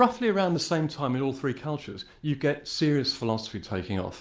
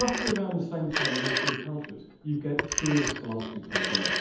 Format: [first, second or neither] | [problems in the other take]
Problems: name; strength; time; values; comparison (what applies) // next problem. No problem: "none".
first | background sound (Telephone); 1 dB below the speech // room echo; dies away in 0.8 s